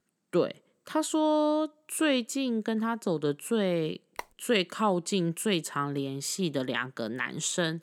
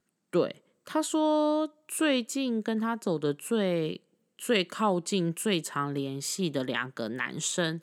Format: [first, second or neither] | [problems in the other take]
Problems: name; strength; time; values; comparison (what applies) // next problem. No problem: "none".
second | phone ringing; very faint; at 4 s; peak 15 dB below the speech